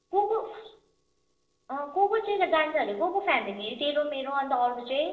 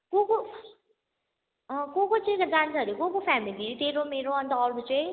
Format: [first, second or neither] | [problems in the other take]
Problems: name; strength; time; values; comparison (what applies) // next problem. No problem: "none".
second | noise reduction (neural separator model SepFormer DNS4)